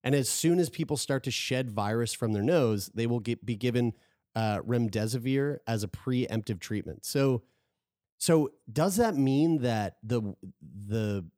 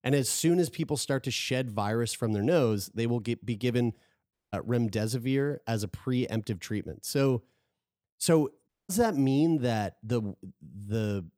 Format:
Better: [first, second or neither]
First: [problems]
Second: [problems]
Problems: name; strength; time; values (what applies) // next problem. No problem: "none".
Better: first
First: none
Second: audio cutting out; at 4.5 s and at 8.5 s